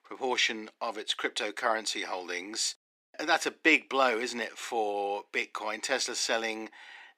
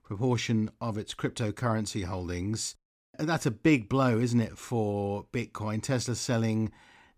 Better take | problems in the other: second | thin; very; fading below 350 Hz

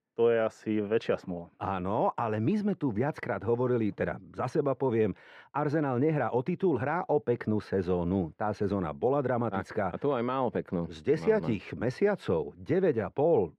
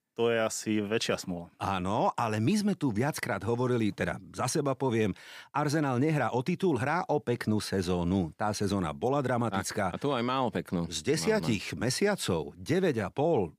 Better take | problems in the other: second | muffled; very; fading above 4 kHz

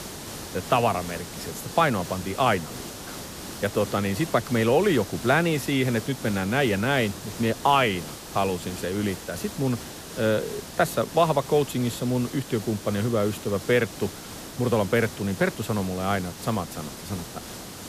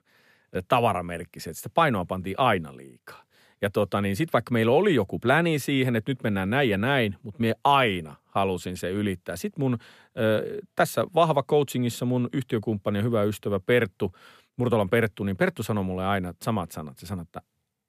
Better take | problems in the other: second | hiss; noticeable; throughout; 10 dB below the speech

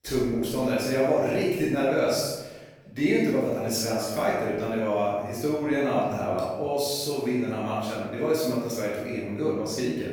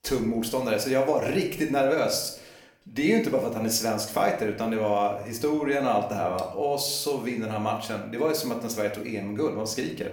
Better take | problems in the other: second | room echo; strong; dies away in 1.1 s; slight in the second // off-mic speech; far; somewhat distant in the second

